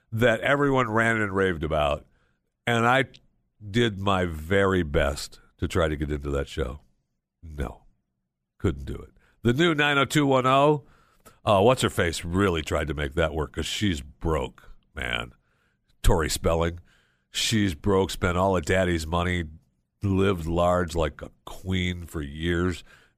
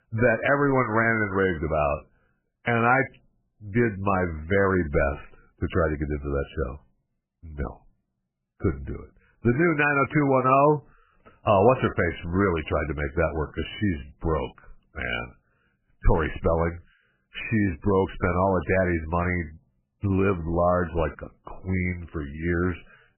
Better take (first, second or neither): first